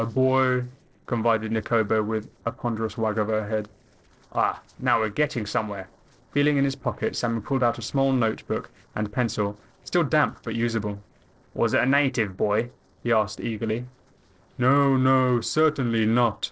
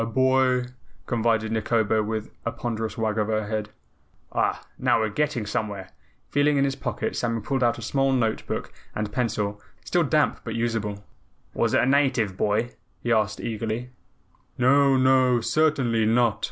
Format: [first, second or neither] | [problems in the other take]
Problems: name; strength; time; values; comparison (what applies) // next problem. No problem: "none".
second | noise reduction (neural separator model SepFormer DNS4)